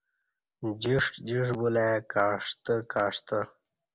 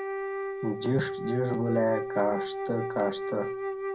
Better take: first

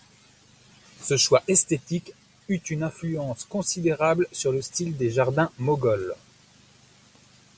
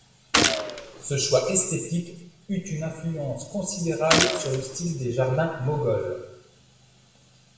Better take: first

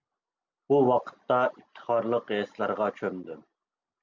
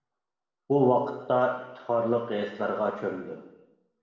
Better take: first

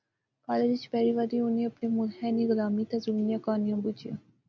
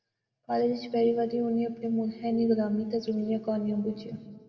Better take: first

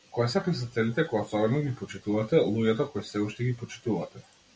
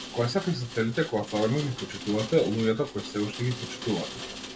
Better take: first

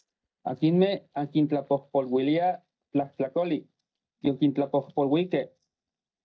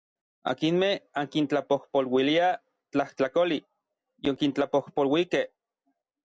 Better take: second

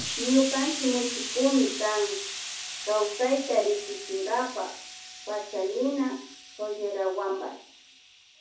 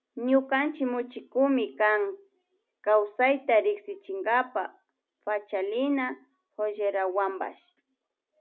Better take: second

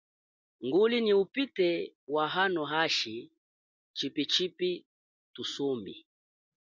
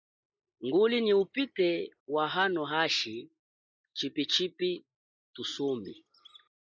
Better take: first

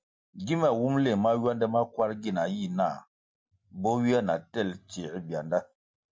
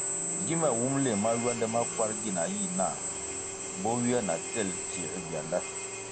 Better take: first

